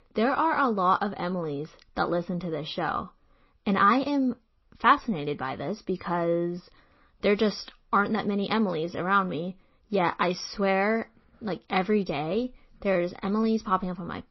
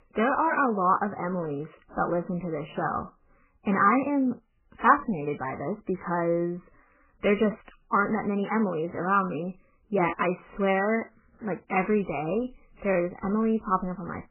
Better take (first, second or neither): first